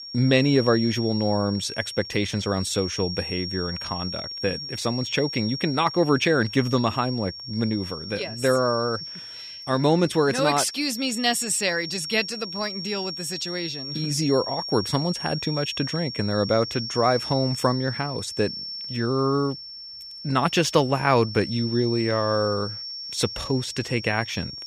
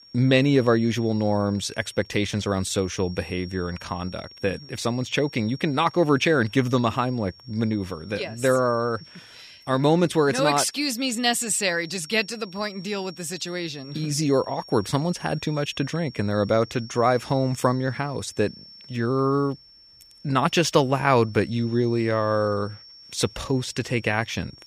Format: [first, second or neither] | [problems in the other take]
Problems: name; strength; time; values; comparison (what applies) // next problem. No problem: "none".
second | high-pitched whine; loud; throughout; 5.5 kHz, 8 dB below the speech; faint in the second